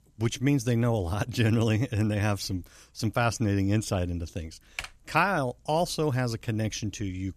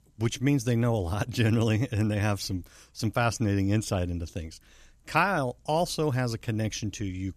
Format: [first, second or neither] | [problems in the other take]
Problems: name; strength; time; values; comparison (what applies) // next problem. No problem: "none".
second | keyboard typing; faint; at 5 s; peak 10 dB below the speech